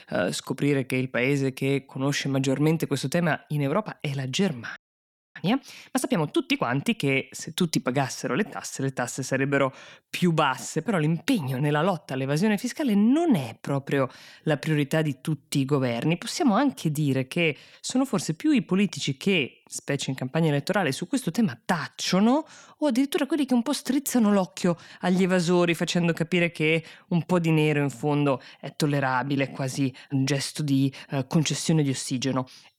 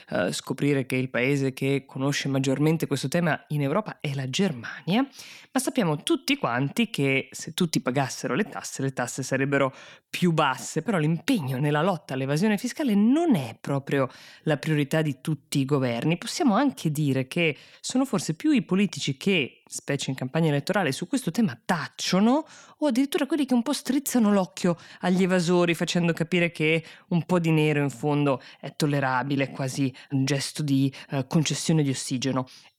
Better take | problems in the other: second | audio freezing; at 5 s for 0.5 s

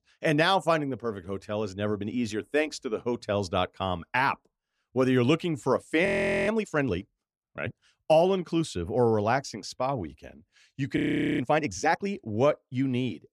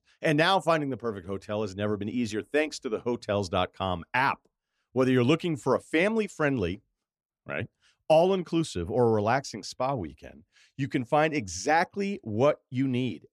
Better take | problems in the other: second | audio freezing; at 6 s and at 11 s

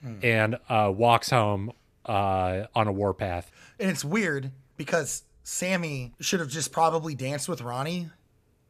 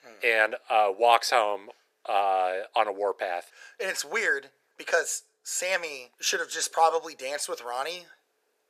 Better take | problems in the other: first | thin; very; fading below 450 Hz

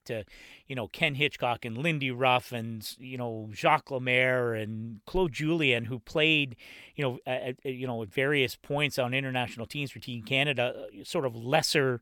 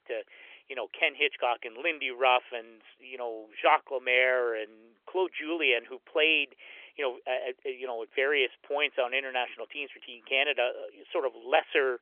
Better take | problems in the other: first | phone-call audio; nothing above 3.5 kHz

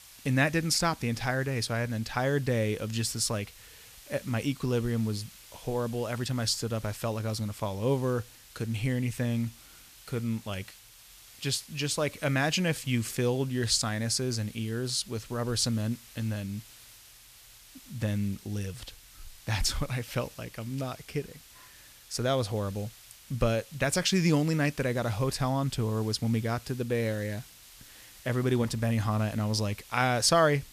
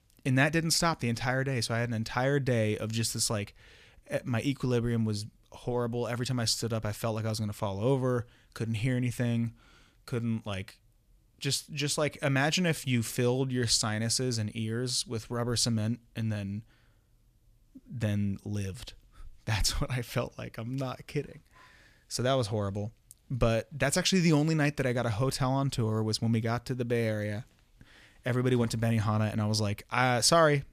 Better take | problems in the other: second | hiss; faint; throughout; 20 dB below the speech

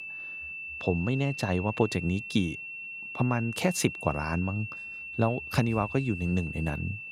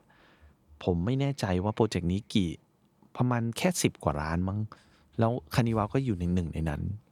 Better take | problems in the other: second | high-pitched whine; loud; throughout; 2.5 kHz, 8 dB below the speech

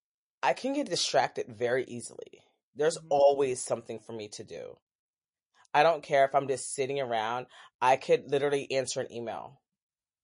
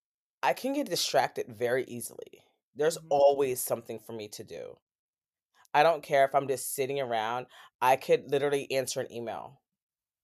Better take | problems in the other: second | garbled, watery; slightly; nothing above 10.5 kHz

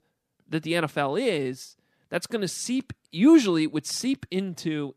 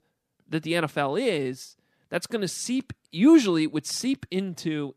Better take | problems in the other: neither | none

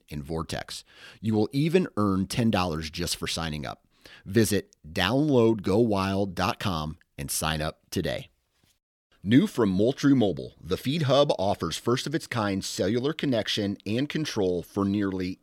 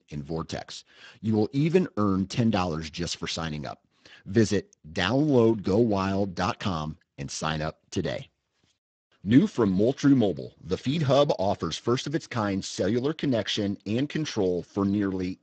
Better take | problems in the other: first | garbled, watery; badly; nothing above 7.5 kHz

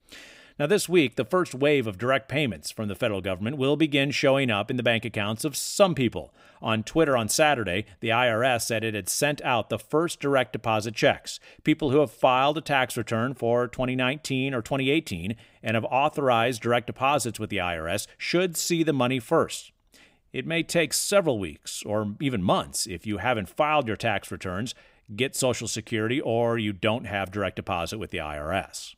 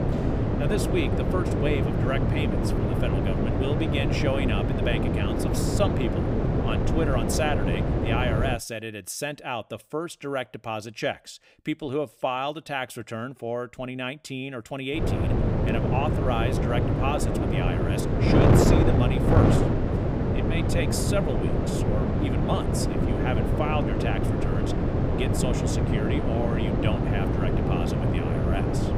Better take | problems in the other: first | wind noise on the microphone; heavy; until 8.5 s and from 15 s on; 1 dB above the speech

